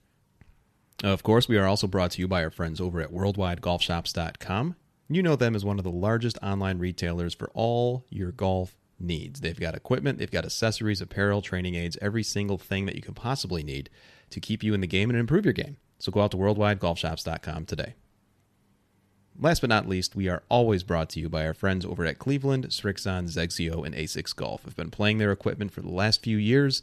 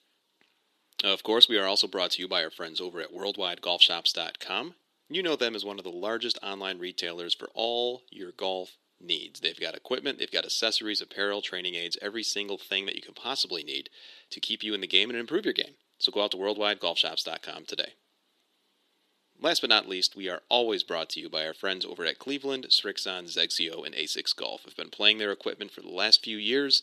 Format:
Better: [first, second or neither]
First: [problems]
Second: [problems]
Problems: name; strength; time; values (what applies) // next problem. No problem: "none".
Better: first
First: none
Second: thin; somewhat; fading below 300 Hz